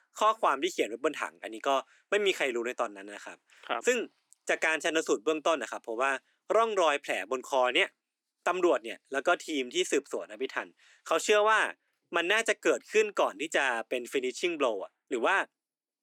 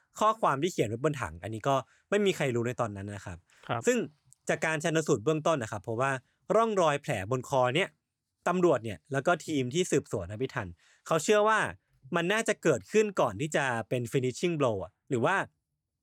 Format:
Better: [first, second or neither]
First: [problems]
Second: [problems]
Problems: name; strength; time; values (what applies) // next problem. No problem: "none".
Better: second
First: thin; somewhat; fading below 300 Hz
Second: none